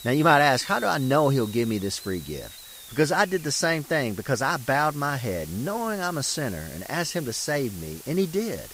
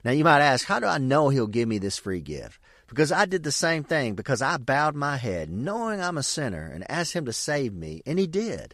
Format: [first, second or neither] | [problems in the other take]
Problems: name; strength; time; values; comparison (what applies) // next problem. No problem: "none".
second | hiss; noticeable; throughout; 15 dB below the speech